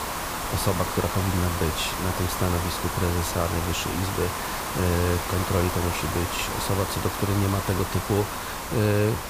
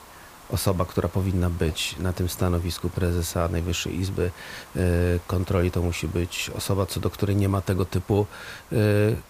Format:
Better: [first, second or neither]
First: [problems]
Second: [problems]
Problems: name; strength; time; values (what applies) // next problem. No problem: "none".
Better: second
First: hiss; loud; throughout; 2 dB below the speech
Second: hiss; faint; throughout; 20 dB below the speech